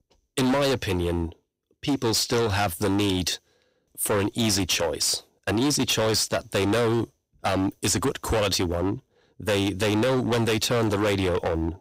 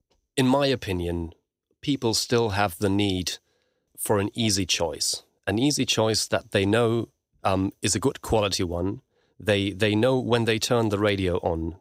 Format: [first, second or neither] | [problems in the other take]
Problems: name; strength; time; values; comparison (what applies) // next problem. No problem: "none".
second | distortion; heavy; 21% of the sound clipped